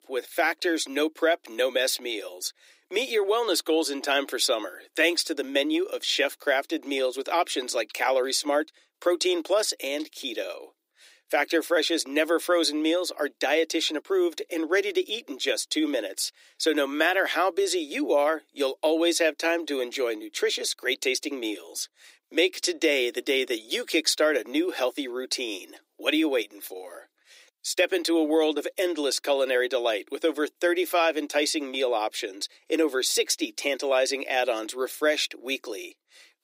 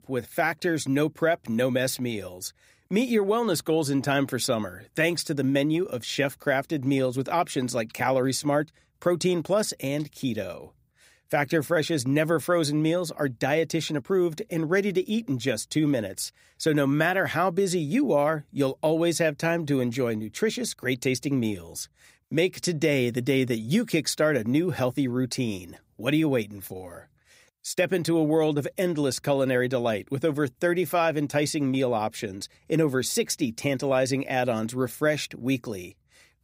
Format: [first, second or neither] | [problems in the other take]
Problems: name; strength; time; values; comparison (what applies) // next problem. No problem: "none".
second | thin; somewhat; fading below 300 Hz